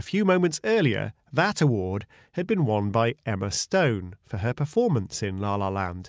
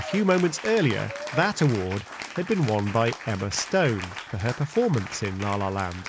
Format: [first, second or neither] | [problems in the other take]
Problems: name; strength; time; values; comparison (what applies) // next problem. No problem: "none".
first | background sound (Applause / Cheering); 12 dB below the speech